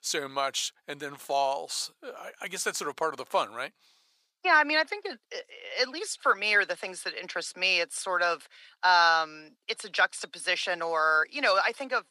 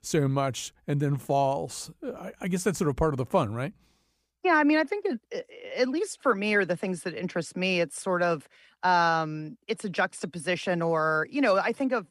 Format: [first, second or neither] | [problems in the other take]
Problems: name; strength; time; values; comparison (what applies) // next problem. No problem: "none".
second | thin; very; fading below 700 Hz